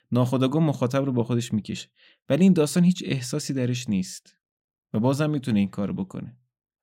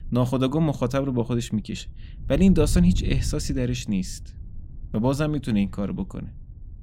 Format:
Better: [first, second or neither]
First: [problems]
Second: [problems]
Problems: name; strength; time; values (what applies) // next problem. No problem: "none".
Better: first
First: none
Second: wind noise on the microphone; occasional gusts; 20 dB below the speech